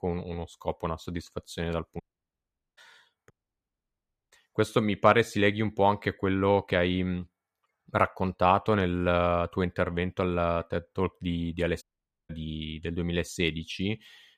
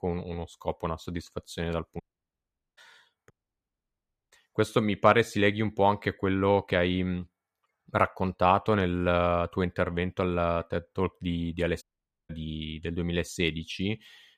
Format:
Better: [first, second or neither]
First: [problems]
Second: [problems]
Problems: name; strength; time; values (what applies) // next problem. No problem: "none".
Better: neither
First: audio cutting out; at 2 s for 1 s, at 3.5 s for 1 s and at 12 s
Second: audio cutting out; at 2 s for 1 s, at 3.5 s for 1 s and at 12 s